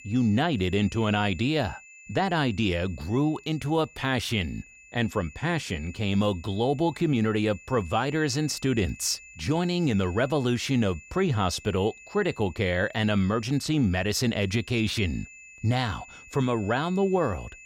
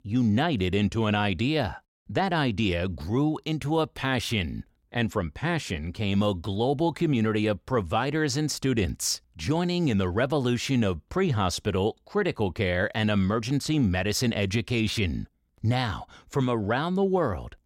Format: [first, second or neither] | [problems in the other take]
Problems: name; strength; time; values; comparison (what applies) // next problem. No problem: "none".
second | high-pitched whine; faint; throughout; 2.5 kHz, 20 dB below the speech